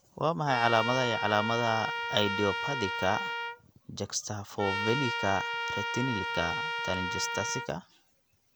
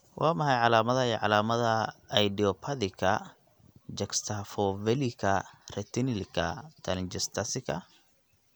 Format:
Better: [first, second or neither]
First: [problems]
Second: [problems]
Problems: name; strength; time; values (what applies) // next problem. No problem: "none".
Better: second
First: background sound (Trumpet); 2 dB below the speech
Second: none